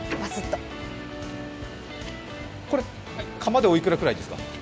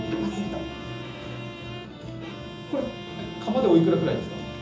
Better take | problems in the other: first | background sound (Bowed string instrument); 14 dB below the speech // room echo; dies away in 0.6 s

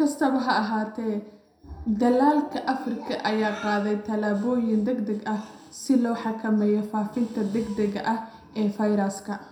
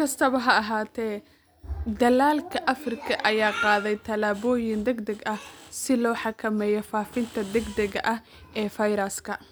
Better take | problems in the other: second | room echo; dies away in 0.6 s

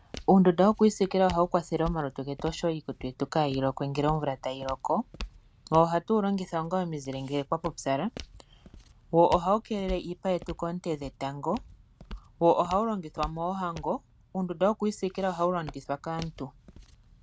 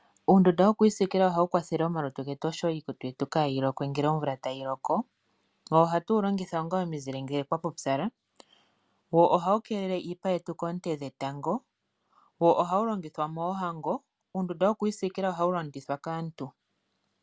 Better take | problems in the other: second | background sound (Walk, footsteps); 17 dB below the speech

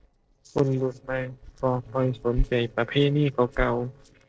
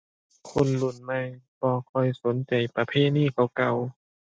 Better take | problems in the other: second | noise reduction (neural separator model SepFormer DNS4)

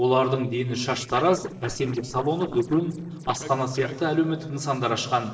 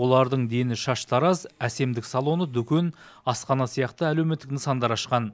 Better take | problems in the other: second | noise reduction (neural separator model SepFormer DNS4)

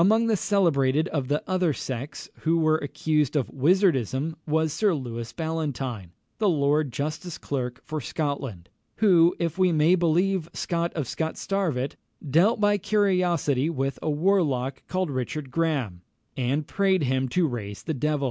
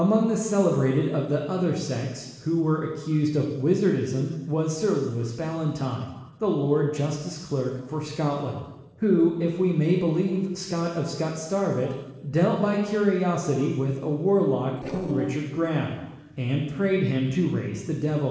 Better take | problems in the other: first | noise reduction (neural separator model SepFormer DNS4)

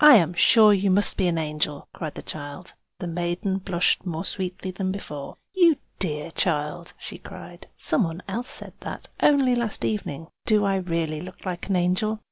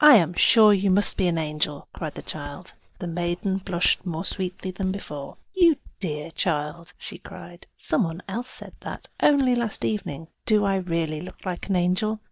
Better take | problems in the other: first | noise reduction (neural mask model DeepFilterNet 3)

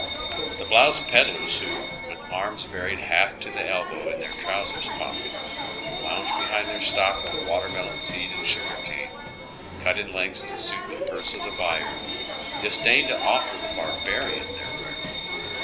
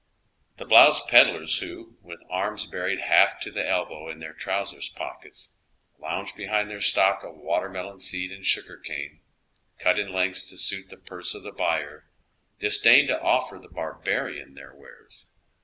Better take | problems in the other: second | background sound (Bell); 3 dB below the speech

